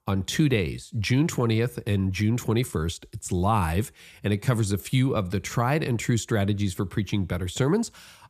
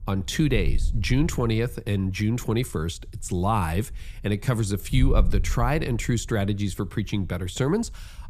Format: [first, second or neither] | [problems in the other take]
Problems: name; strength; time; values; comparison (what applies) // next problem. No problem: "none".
first | wind noise on the microphone; occasional gusts; 20 dB below the speech